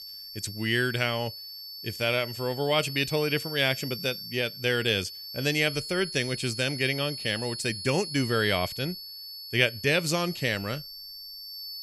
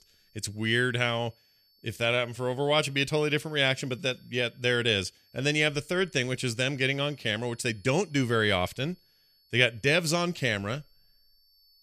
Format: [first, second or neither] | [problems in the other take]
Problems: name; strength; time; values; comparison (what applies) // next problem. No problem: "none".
second | high-pitched whine; loud; throughout; 4.5 kHz, 9 dB below the speech; faint in the second